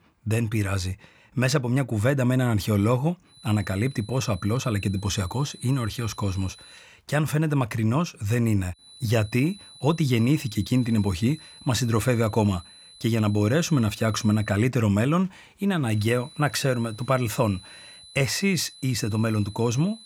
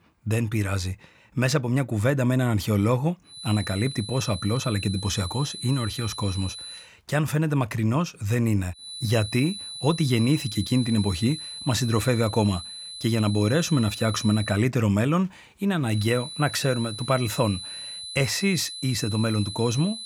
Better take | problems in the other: first | high-pitched whine; loud; from 3.5 to 7 s, from 9 to 15 s and from 16 s on; 4 kHz, 10 dB below the speech; faint in the first

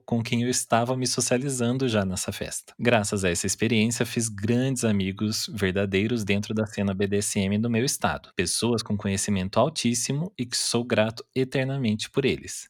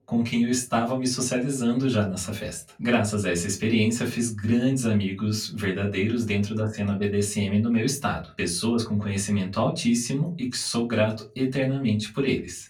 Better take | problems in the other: first | off-mic speech; far // room echo; very slight; dies away in 0.2 s

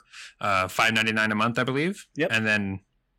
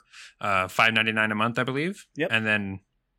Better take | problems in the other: second | distortion; slight; 10 dB below the speech

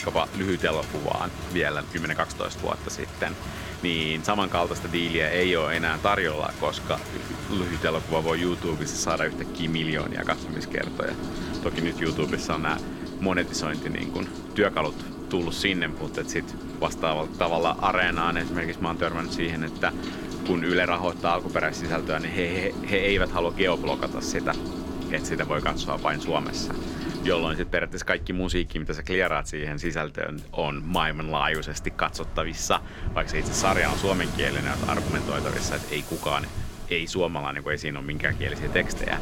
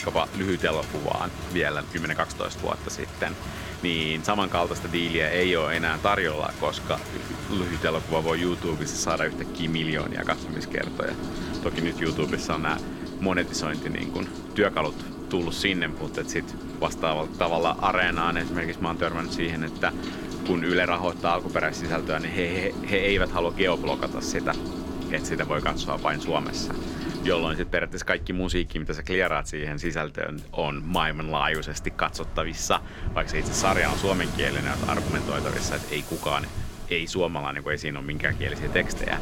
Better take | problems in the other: neither | rain or running water; loud; throughout; 7 dB below the speech; the same in both

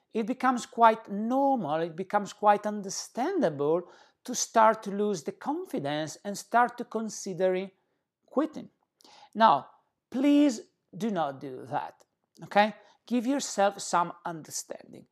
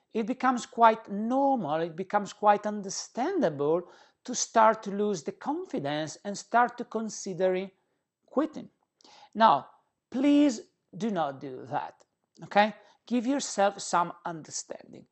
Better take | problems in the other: first | garbled, watery; slightly; nothing above 8 kHz

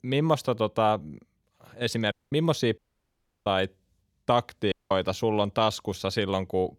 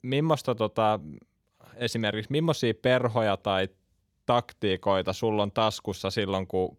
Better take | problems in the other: second | audio cutting out; at 2 s, at 3 s for 0.5 s and at 4.5 s

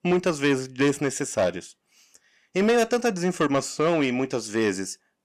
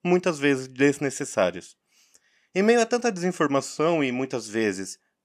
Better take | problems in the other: second | distortion; slight; 10 dB below the speech

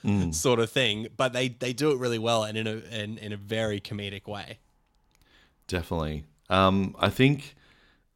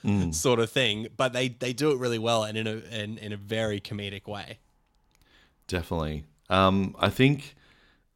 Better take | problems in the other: neither | none

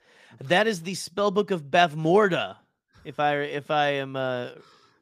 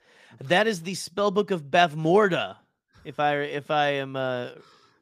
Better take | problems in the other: neither | none

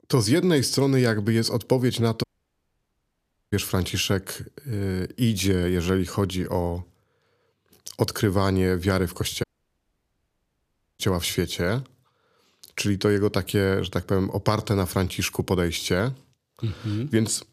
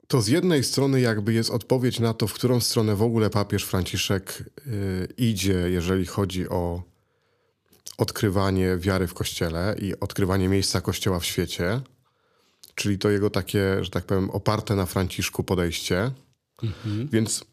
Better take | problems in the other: second | audio cutting out; at 2 s for 1.5 s and at 9.5 s for 1.5 s

